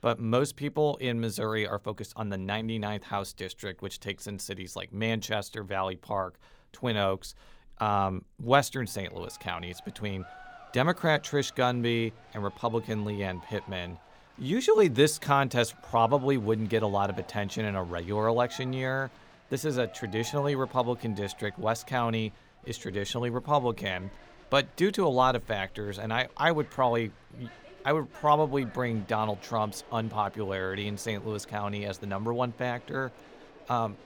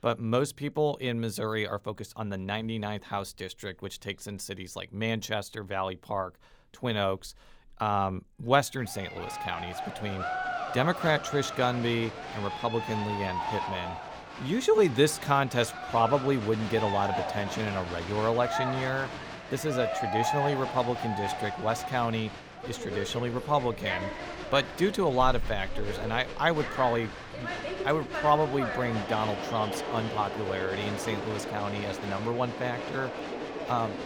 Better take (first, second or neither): first